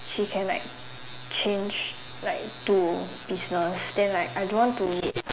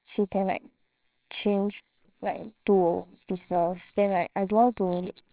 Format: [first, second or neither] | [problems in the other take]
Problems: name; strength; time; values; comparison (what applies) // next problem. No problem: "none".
first | noise reduction (neural separator model SepFormer WHAMR!)